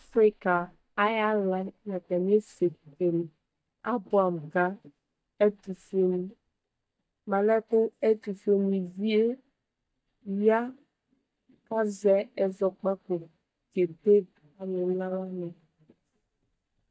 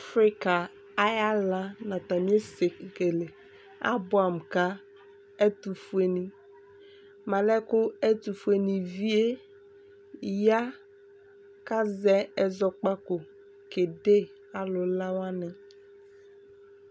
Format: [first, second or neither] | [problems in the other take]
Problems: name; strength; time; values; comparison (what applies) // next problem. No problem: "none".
second | noise reduction (neural mask model DeepFilterNet 3)